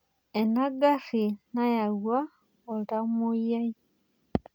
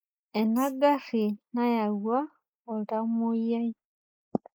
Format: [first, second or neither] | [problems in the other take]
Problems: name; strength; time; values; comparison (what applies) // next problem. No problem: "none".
first | noise reduction (neural mask model Resemble Enhance denoiser)